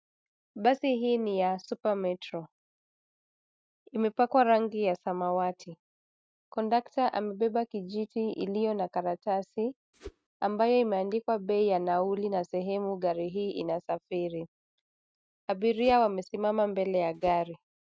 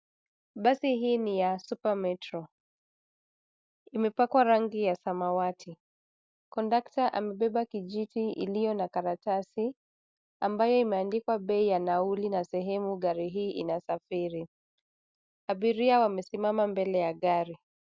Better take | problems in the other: second | noise reduction (neural mask model RNNoise)

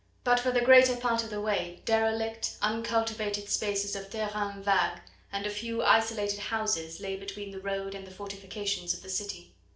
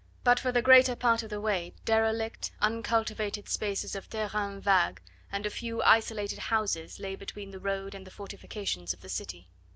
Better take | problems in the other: second | room echo; dies away in 0.4 s

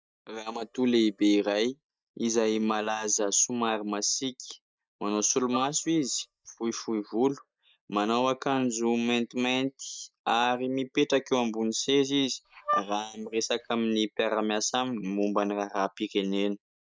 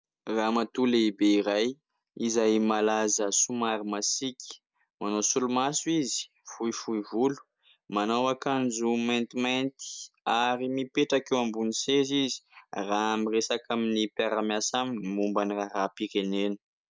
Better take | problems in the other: second | noise reduction (neural mask model DeepFilterNet 3)

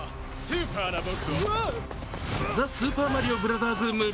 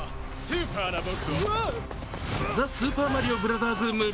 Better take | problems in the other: first | background sound (Engine starting / Car); 19 dB below the speech

